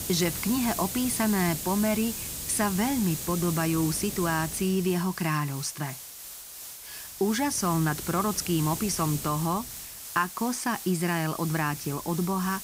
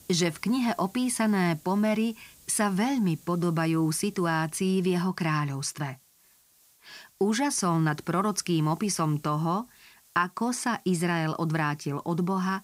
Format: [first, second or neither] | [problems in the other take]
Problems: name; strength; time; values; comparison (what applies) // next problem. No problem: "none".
second | hiss; loud; throughout; 7 dB below the speech; faint in the second